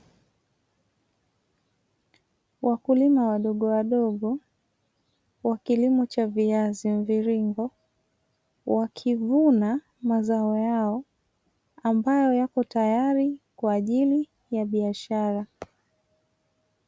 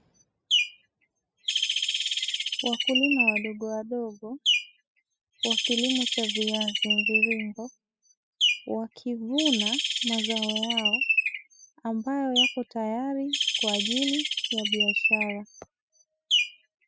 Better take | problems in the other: first | noise reduction (classical method spectral subtraction)

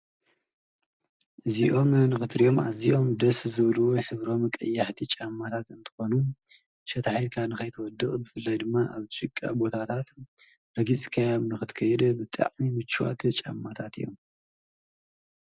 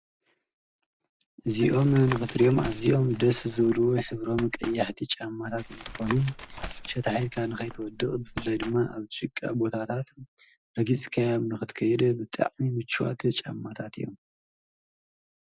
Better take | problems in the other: first | background sound (Tap); 13 dB below the speech

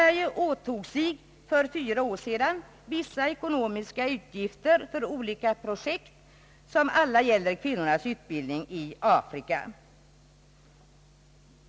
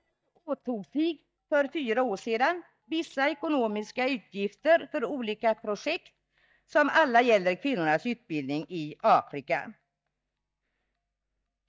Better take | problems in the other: first | noise reduction (neural mask model DeepFilterNet 3)

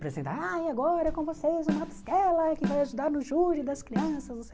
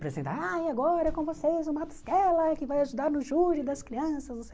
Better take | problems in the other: second | background sound (Snare drum); 5 dB below the speech

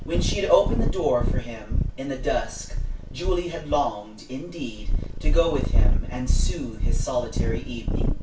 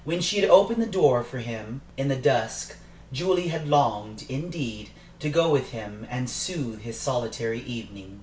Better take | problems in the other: second | background sound (Purr); 4 dB above the speech // room echo; dies away in 0.2 s

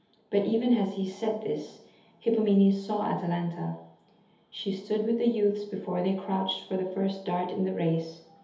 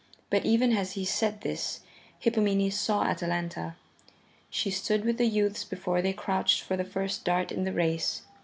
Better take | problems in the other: second | room echo; dies away in 0.8 s

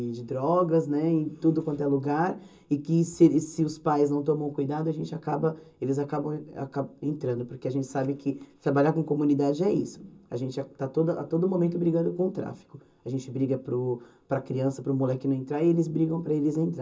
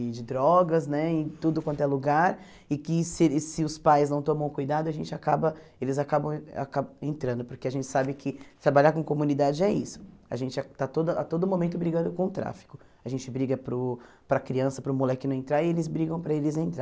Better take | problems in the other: second | room echo; dies away in 0.2 s

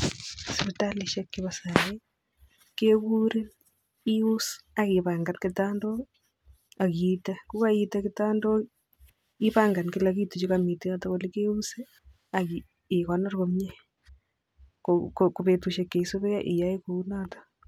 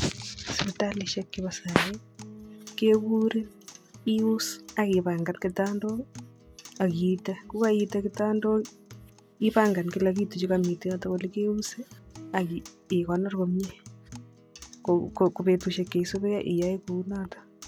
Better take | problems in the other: first | background sound (Acoustic guitar); 20 dB below the speech

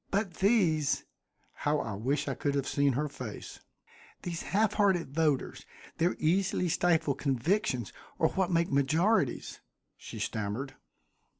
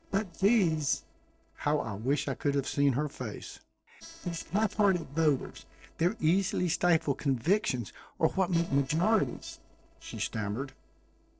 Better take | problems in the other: first | noise reduction (neural separator model SepFormer DNS4)

